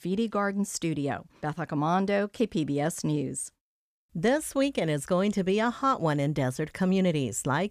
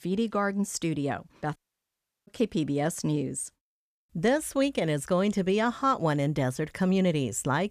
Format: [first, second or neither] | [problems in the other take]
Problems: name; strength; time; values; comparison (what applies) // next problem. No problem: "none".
first | audio cutting out; at 1.5 s for 0.5 s